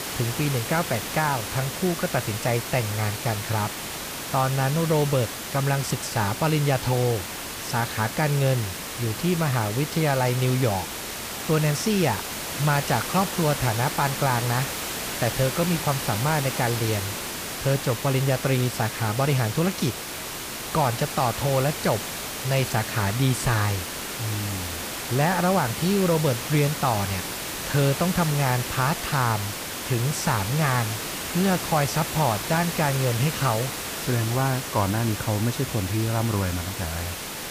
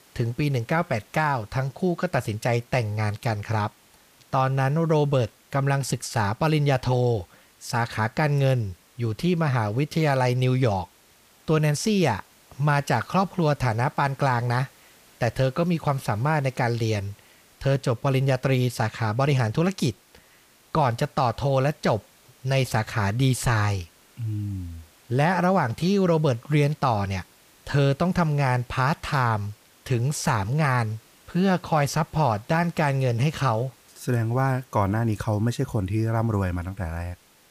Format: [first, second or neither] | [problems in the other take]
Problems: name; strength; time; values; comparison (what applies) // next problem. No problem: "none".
second | hiss; loud; throughout; 5 dB below the speech; faint in the second